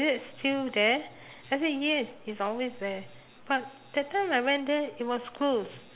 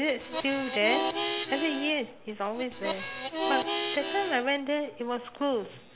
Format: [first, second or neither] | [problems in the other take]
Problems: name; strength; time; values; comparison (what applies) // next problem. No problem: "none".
first | background sound (Harmonica); 2 dB below the speech